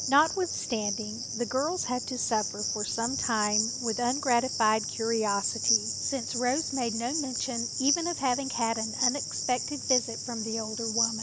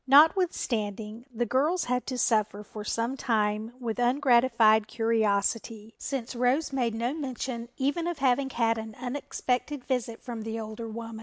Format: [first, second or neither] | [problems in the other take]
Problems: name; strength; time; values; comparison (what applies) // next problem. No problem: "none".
second | background sound (Cricket); 2 dB below the speech